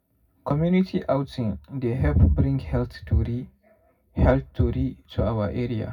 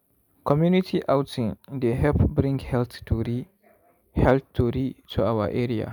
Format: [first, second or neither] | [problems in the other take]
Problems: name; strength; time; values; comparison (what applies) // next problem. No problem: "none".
second | room echo; dies away in 0.4 s